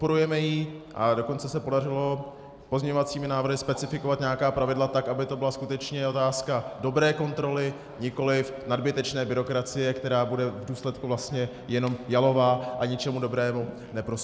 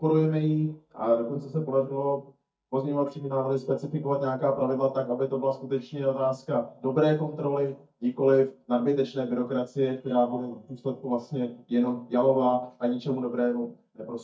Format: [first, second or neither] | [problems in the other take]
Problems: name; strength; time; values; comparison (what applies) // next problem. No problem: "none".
first | noise reduction (neural mask model DeepFilterNet 3)